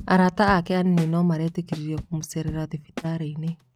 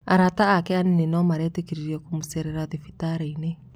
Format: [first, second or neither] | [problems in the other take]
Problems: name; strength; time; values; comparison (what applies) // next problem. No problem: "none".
second | noise reduction (neural mask model RNNoise)